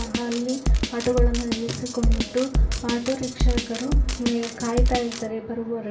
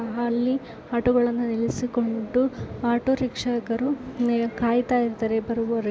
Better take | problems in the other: second | background sound (Drum kit); 3 dB above the speech // room echo; dies away in 0.3 s

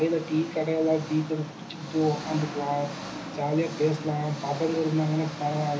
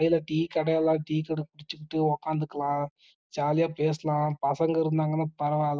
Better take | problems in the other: second | background sound (Engine); 10 dB below the speech // room echo; dies away in 0.3 s

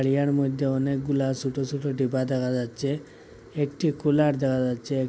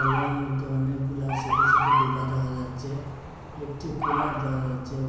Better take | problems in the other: first | background sound (Motor vehicle (road) / Siren); 1 dB above the speech // room echo; dies away in 1 s

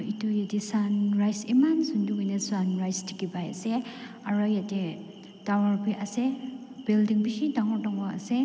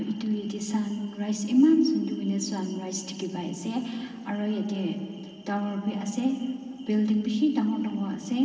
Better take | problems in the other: first | room echo; dies away in 2 s

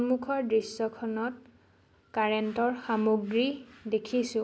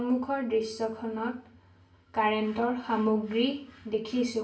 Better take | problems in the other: first | room echo; dies away in 0.4 s

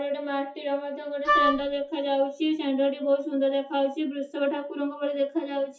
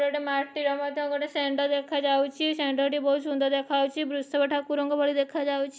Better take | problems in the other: second | noise reduction (classical method WPE with log-MMSE)

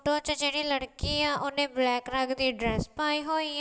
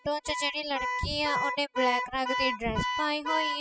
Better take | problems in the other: first | noise reduction (classical method spectral subtraction)

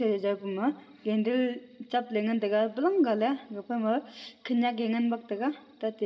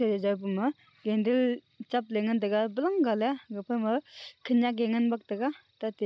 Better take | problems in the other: second | room echo; dies away in 1 s

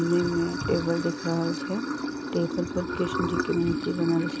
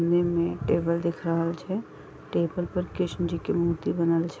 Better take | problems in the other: second | background sound (Sink (filling or washing) / Water); 4 dB below the speech

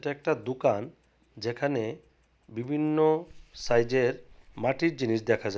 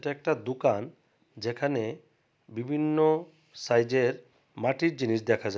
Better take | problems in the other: second | background sound (Clock); 17 dB below the speech

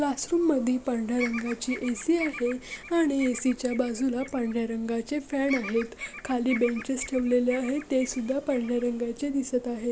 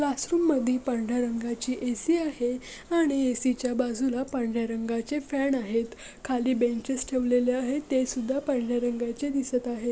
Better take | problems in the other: second | background sound (Bird vocalization, bird call, bird song); 13 dB below the speech

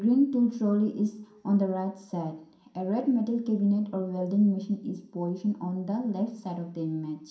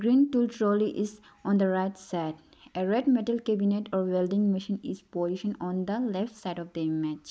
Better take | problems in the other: second | room echo; dies away in 0.5 s

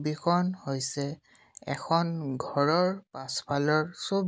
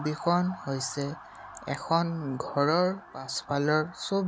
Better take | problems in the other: first | background sound (Motor vehicle (road) / Siren); 17 dB below the speech

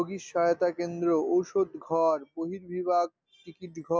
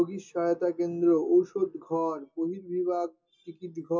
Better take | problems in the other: first | room echo; dies away in 0.2 s

